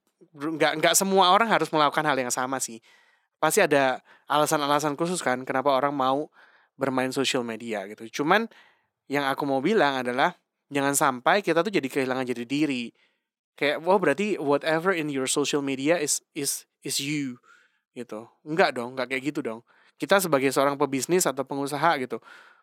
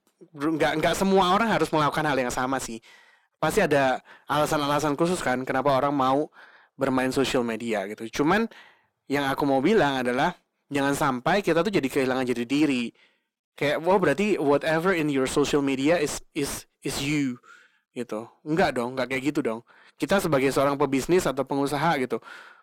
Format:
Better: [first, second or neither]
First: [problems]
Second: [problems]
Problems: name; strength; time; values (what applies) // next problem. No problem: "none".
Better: first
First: none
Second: distortion; heavy; 6 dB below the speech